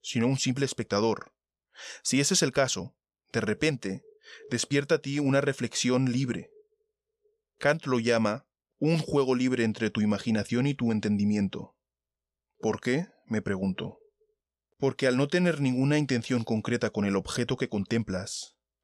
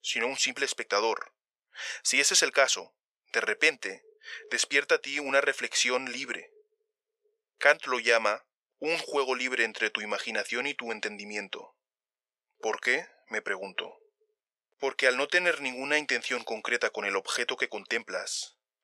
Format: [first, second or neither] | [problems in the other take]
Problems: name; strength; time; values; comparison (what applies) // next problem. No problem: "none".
first | thin; very; fading below 500 Hz